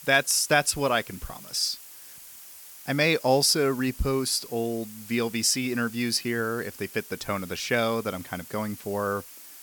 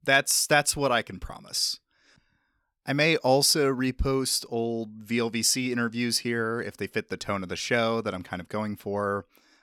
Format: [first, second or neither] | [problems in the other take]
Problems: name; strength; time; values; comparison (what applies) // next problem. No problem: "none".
second | hiss; noticeable; throughout; 15 dB below the speech